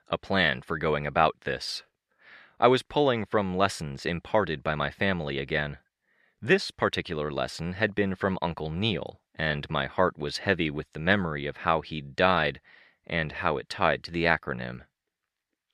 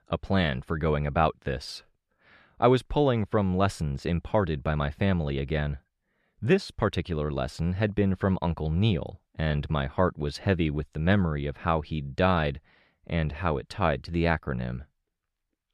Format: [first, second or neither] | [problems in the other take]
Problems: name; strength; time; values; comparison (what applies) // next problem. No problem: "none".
second | thin; very slightly; fading below 700 Hz